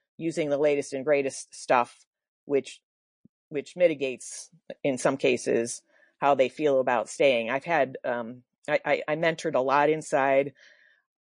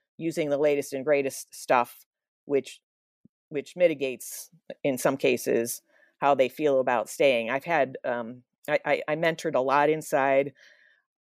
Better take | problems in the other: second | garbled, watery; slightly; nothing above 10 kHz

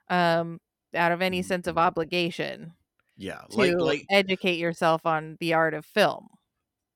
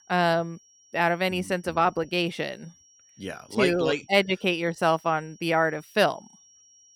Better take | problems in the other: first | high-pitched whine; faint; throughout; 5.5 kHz, 30 dB below the speech

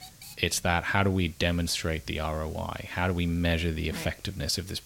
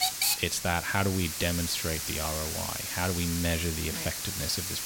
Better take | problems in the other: first | hiss; loud; throughout; 1 dB below the speech; faint in the first

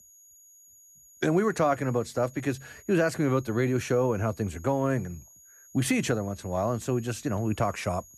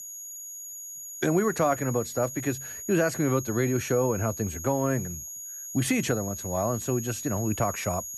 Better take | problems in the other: first | high-pitched whine; loud; throughout; 6.5 kHz, 8 dB below the speech; faint in the first

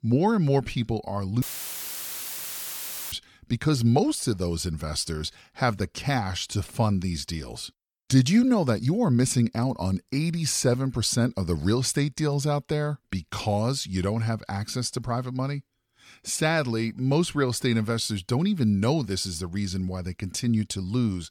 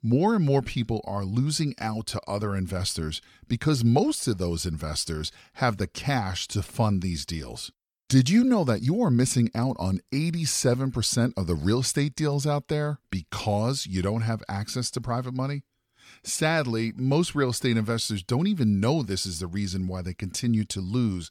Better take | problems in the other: second | audio cutting out; filled with static; at 1.5 s for 1.5 s

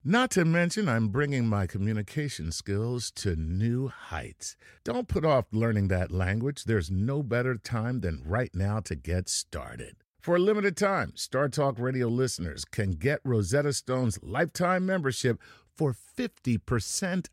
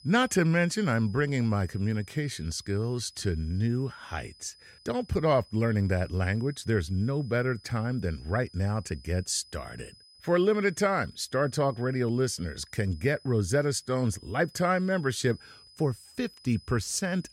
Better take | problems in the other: first | high-pitched whine; faint; throughout; 5 kHz, 25 dB below the speech

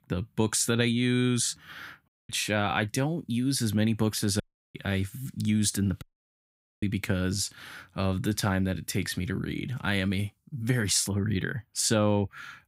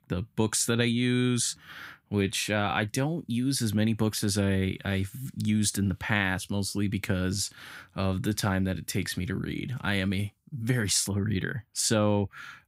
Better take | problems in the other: second | audio cutting out; at 2 s, at 4.5 s and at 6 s for 1 s

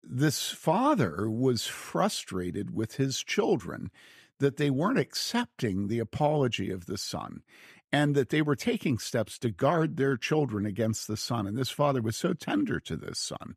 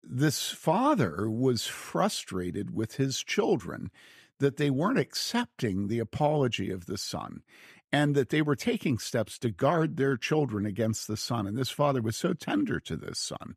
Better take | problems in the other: neither | none

